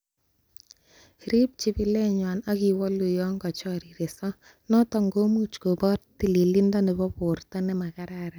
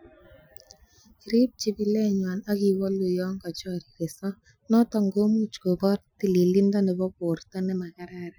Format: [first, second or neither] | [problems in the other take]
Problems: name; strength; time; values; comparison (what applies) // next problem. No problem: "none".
first | noise reduction (classical method Wiener filter)